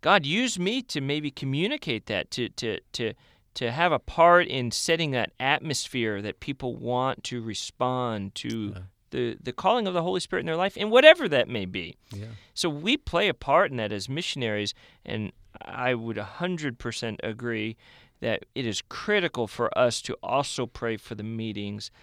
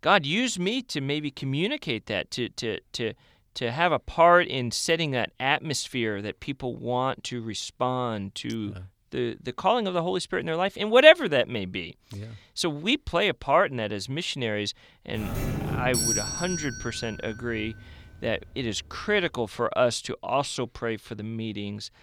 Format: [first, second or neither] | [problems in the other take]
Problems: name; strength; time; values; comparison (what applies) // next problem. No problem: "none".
first | doorbell; loud; from 15 to 19 s; peak 2 dB above the speech